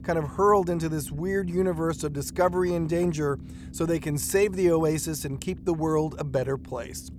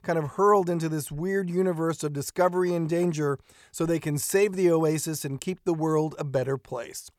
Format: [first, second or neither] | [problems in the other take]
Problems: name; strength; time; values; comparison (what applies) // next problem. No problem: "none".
second | low rumble; faint; throughout; 25 dB below the speech